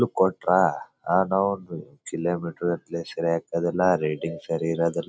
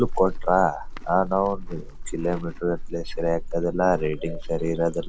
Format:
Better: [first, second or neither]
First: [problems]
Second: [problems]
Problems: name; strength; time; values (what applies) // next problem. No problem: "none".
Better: first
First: none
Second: background sound (Livestock, farm animals, working animals); 6 dB below the speech